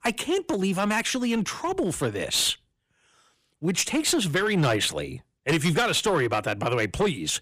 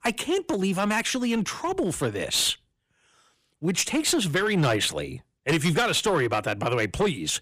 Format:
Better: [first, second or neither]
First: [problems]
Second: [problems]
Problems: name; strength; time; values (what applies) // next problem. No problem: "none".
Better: neither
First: distortion; slight; 7% of the sound clipped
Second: distortion; slight; 7% of the sound clipped